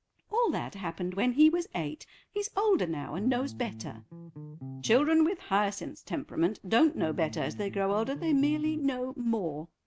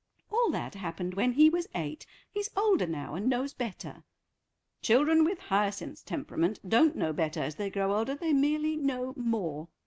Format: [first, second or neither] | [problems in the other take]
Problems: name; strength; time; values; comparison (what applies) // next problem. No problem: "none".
second | background sound (Bass guitar); 13 dB below the speech